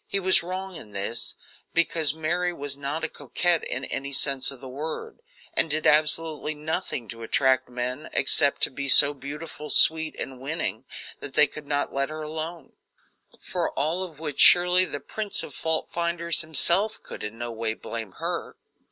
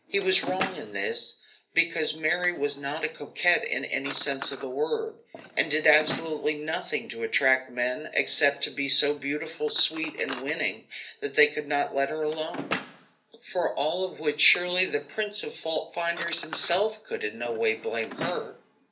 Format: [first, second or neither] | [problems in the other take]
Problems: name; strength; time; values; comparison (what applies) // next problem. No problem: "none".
first | background sound (Drawer open or close); 14 dB below the speech // room echo; dies away in 0.3 s